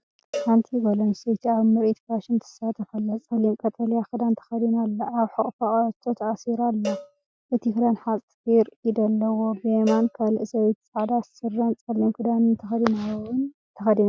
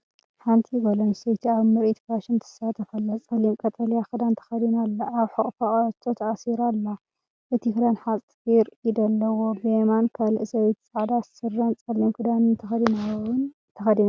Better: second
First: noise reduction (classical method Wiener filter)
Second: none

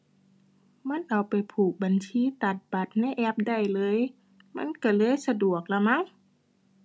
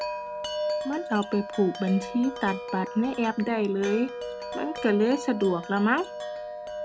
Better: first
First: none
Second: background sound (Wind chime); 8 dB below the speech

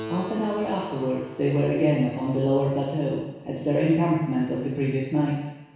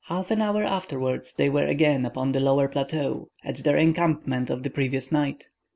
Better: second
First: background sound (Keyboard (musical)); 18 dB below the speech // room echo; dies away in 1.1 s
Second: none

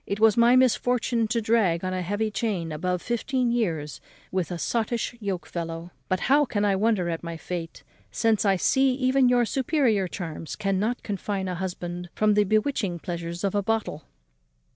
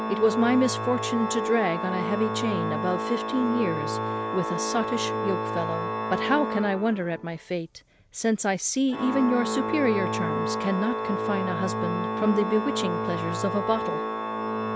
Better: first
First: none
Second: background sound (Organ); 2 dB below the speech

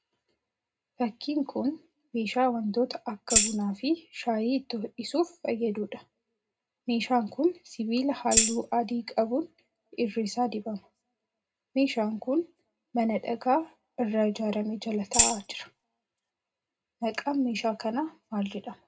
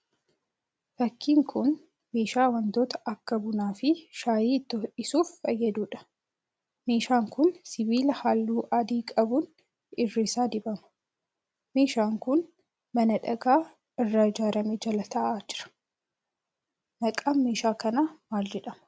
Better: second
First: background sound (Tambourine); 4 dB above the speech // room echo; dies away in 0.2 s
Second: none

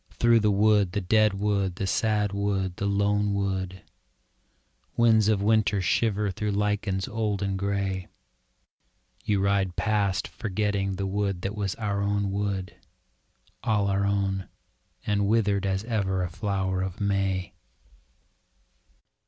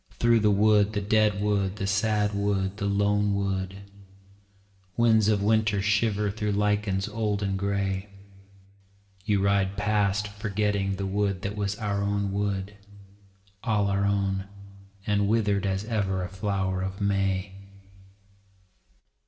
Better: first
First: none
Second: room echo; dies away in 1.3 s

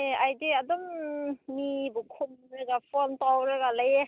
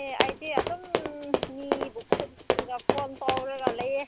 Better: first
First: none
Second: background sound (Run); 4 dB above the speech

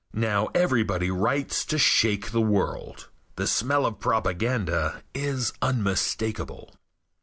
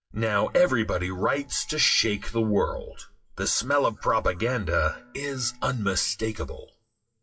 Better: first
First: none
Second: noise reduction (classical method WPE with log-MMSE)

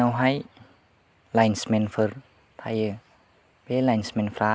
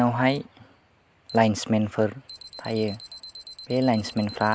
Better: first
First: none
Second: background sound (Alarm); 19 dB below the speech

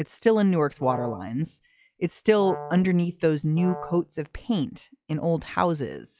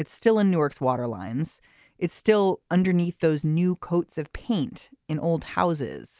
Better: second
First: noise reduction (classical method log-MMSE)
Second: none

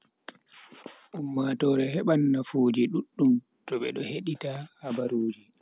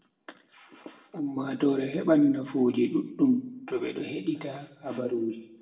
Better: first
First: none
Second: room echo; dies away in 0.7 s

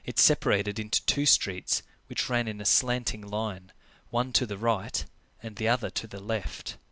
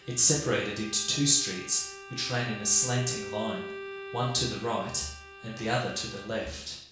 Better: first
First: none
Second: background sound (Bowed string instrument); 13 dB below the speech // room echo; dies away in 0.6 s

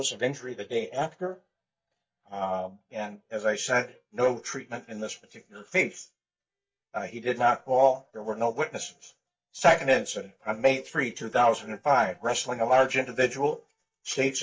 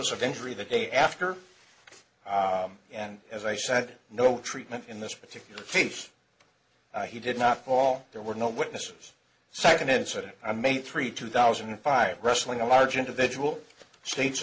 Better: second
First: noise reduction (neural mask model DeepFilterNet 3)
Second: none

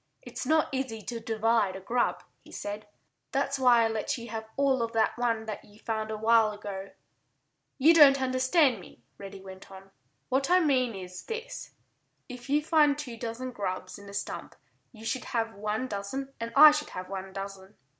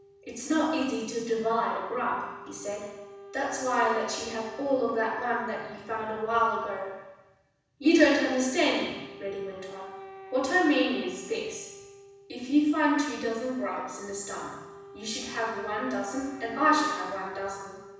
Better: first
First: none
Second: background sound (Wind instrument, woodwind instrument); 18 dB below the speech // room echo; dies away in 1.1 s

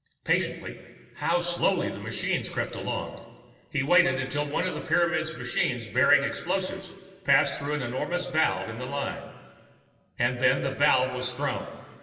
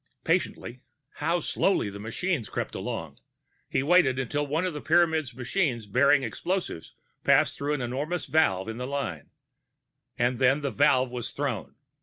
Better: second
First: room echo; dies away in 2.6 s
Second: none

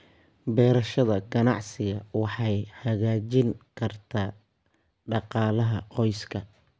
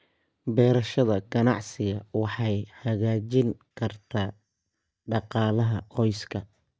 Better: first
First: none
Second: noise reduction (neural mask model DeepFilterNet 3)

